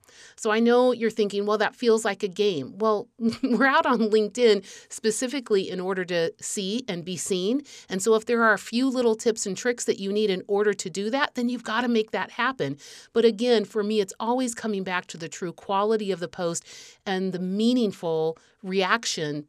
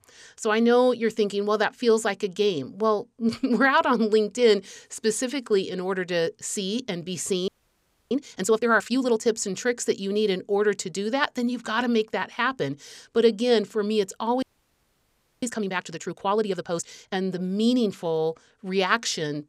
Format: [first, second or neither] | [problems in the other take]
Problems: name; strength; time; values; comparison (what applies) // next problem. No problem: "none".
first | audio freezing; at 7.5 s for 0.5 s and at 14 s for 1 s